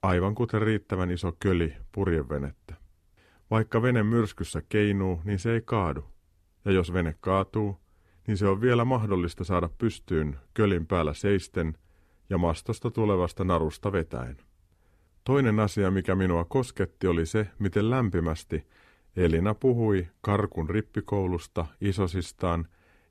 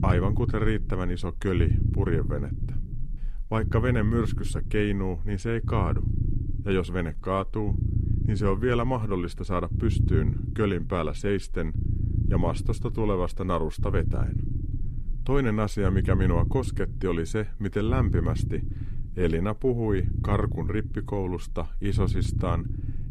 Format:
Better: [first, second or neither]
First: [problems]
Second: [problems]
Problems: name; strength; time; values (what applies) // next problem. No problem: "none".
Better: first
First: none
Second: low rumble; noticeable; throughout; 10 dB below the speech